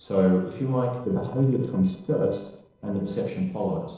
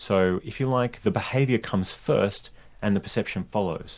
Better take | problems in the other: second | noise reduction (neural separator model SepFormer DNS4)

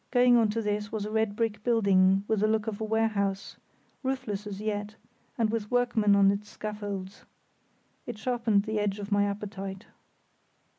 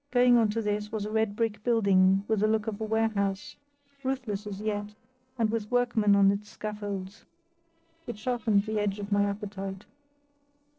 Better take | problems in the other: first | noise reduction (neural separator model SepFormer DNS4)

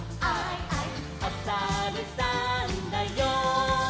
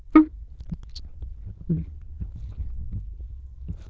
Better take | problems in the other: first | noise reduction (neural diffusion model UNIVERSE++)

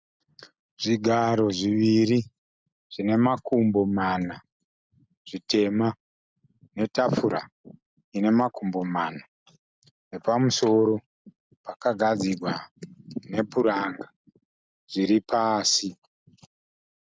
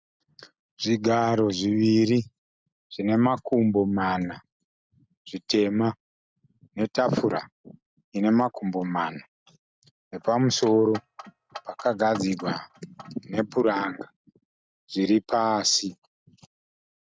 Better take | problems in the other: first | background sound (Clock); 18 dB below the speech

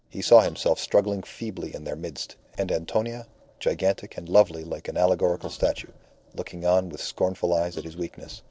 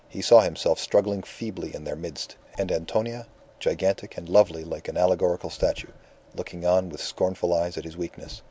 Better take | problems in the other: second | noise reduction (neural separator model SepFormer DNS4)

